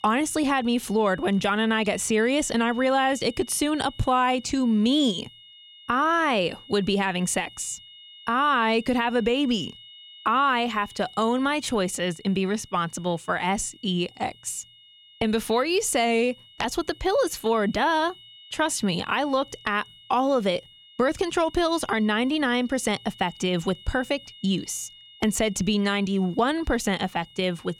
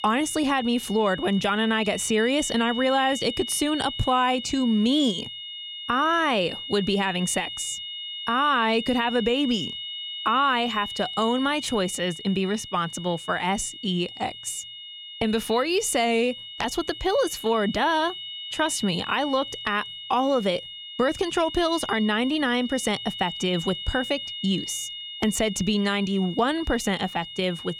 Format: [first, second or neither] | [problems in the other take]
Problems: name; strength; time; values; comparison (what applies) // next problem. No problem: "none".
first | high-pitched whine; loud; throughout; 3 kHz, 9 dB below the speech; faint in the first